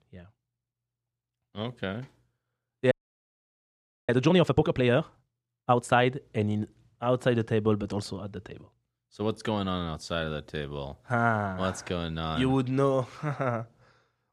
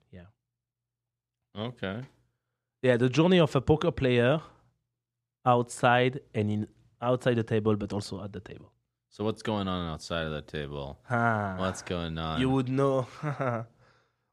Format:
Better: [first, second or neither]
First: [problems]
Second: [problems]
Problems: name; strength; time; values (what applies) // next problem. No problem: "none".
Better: second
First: audio freezing; at 3 s for 1 s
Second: none